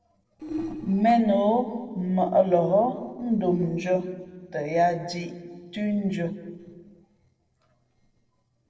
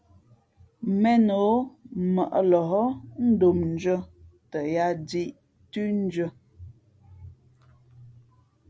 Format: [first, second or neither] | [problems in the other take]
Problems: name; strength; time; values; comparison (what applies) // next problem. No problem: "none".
second | noise reduction (neural separator model SepFormer DNS4)